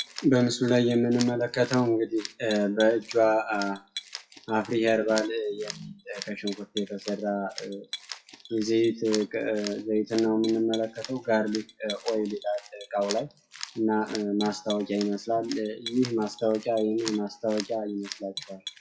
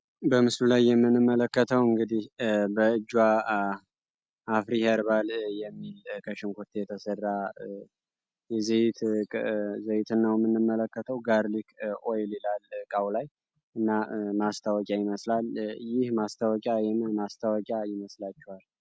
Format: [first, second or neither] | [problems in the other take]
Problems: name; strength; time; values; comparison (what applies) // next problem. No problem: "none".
second | noise reduction (classical method WPE with log-MMSE)